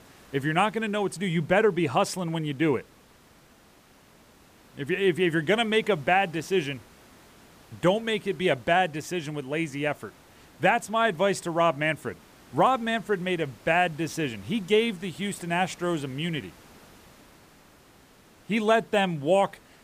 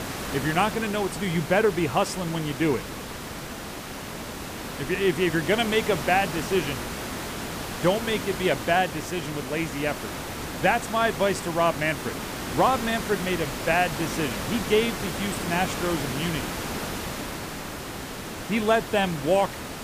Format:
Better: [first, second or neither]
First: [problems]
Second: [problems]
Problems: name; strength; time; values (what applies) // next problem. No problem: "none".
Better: first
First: hiss; faint; throughout; 25 dB below the speech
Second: hiss; loud; throughout; 7 dB below the speech